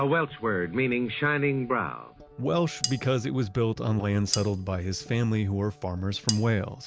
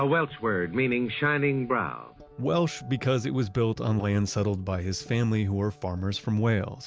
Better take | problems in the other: second | background sound (Cutlery, silverware); 7 dB below the speech

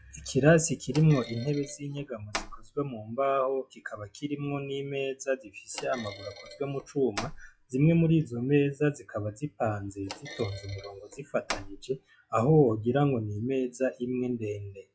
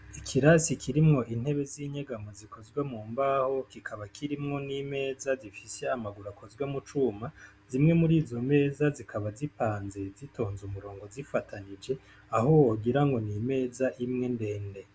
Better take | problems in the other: second | noise reduction (classical method log-MMSE)

